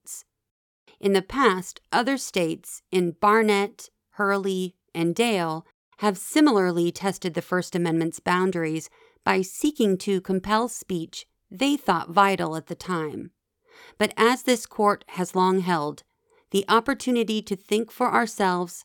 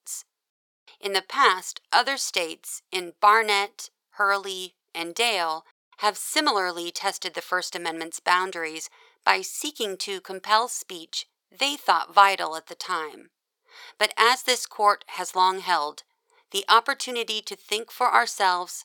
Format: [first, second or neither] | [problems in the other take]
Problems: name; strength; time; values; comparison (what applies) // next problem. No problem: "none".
first | thin; very; fading below 800 Hz